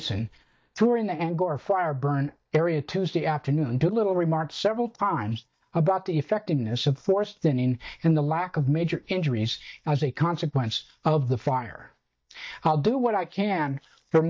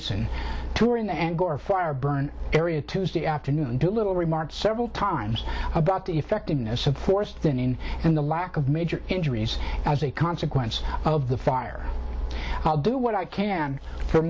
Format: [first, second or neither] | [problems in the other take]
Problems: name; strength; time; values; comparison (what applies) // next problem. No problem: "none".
second | noise reduction (neural mask model DeepFilterNet 3)